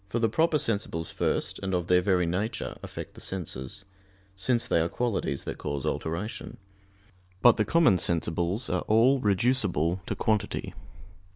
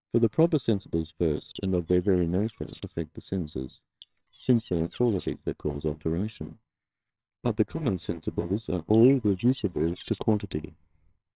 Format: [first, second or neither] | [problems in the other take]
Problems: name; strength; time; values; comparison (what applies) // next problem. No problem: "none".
first | noise reduction (neural separator model SepFormer WHAMR!)